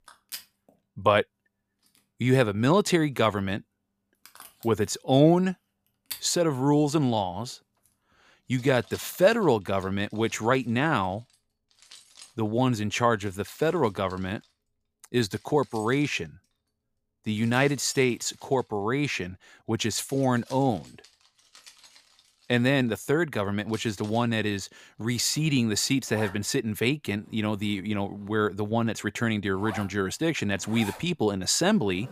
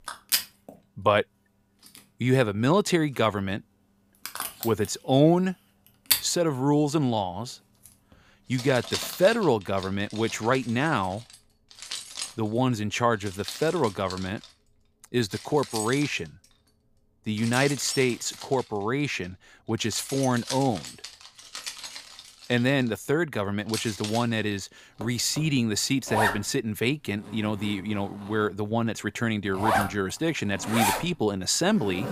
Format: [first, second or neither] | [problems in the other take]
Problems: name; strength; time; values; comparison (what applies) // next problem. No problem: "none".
first | household noises; loud; throughout; 6 dB below the speech; faint in the first